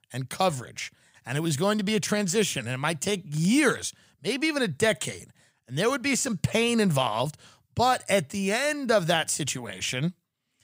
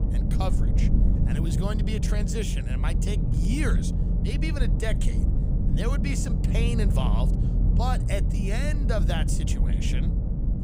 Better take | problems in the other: first | low rumble; loud; throughout; 4 dB below the speech

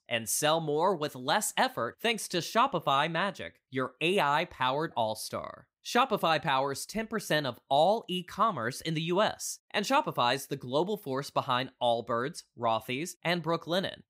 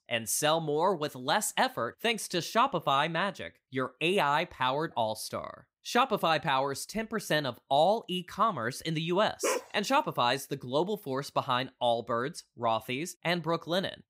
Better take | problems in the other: first | dog barking; noticeable; at 9.5 s; peak 3 dB below the speech

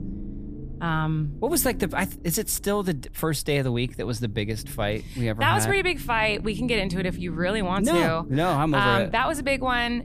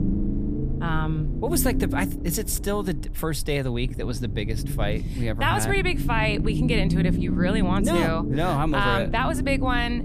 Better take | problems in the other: first | low rumble; loud; throughout; 9 dB below the speech; faint in the first

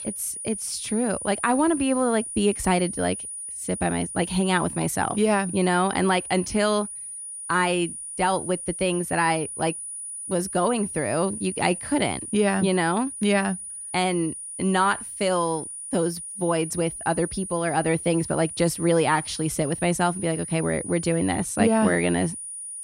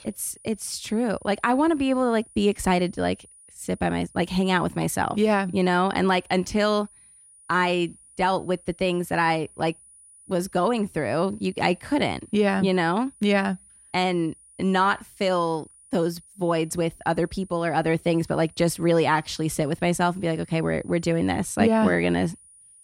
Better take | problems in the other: second | high-pitched whine; loud; throughout; 9.5 kHz, 8 dB below the speech; faint in the second

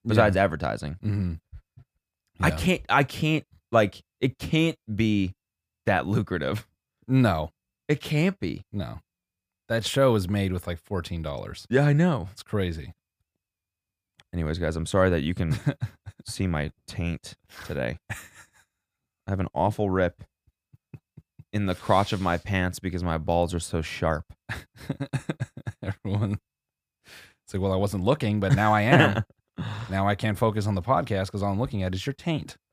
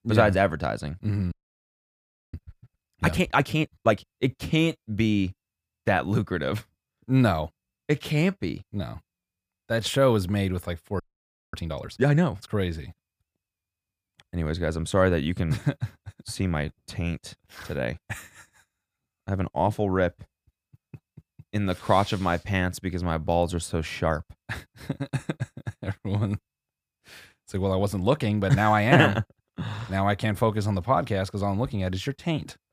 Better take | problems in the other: first | audio freezing; at 1.5 s for 1 s and at 11 s for 0.5 s

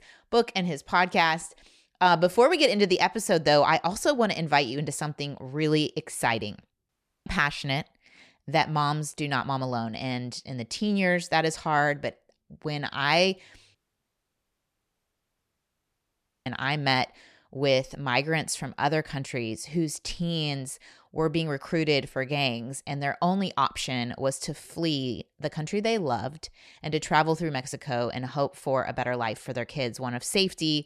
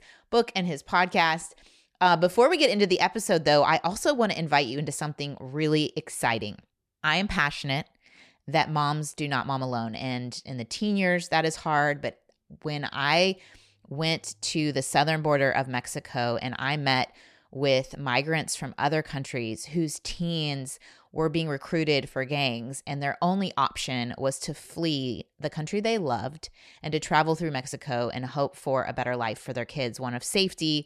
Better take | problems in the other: second | audio cutting out; at 7 s and at 14 s for 2.5 s

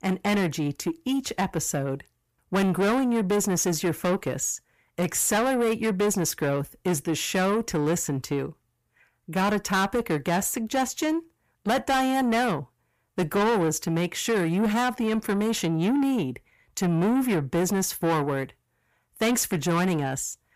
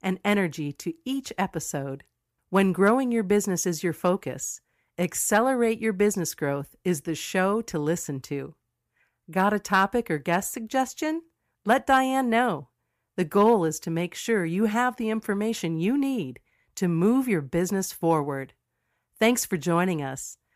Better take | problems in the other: second | distortion; heavy; 7 dB below the speech

